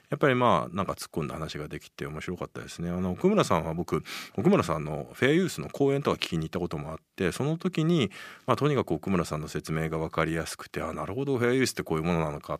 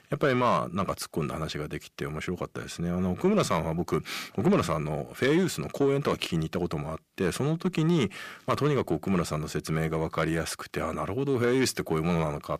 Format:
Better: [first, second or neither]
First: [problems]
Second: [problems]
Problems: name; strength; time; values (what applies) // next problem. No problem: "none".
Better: first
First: none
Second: distortion; slight; 10 dB below the speech